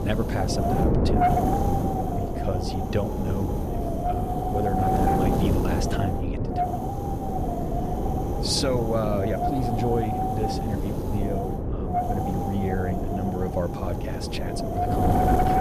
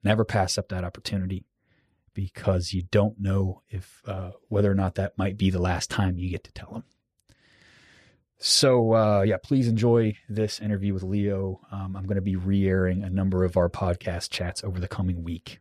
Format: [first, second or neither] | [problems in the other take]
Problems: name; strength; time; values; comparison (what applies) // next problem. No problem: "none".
second | wind noise on the microphone; heavy; 5 dB above the speech